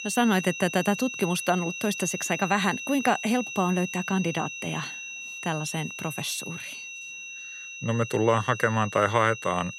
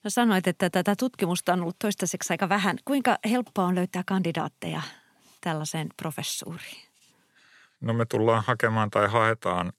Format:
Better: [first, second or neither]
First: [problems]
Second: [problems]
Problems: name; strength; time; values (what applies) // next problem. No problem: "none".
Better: second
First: high-pitched whine; loud; throughout; 2.5 kHz, 8 dB below the speech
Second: none